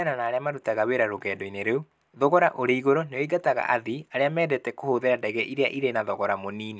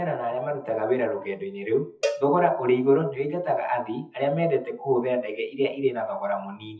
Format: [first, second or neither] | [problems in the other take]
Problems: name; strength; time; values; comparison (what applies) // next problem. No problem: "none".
first | noise reduction (classical method WPE with log-MMSE)